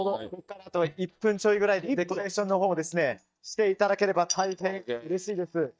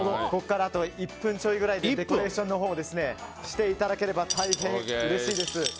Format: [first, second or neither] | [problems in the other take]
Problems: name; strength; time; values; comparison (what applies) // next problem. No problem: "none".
second | noise reduction (neural mask model DeepFilterNet 3)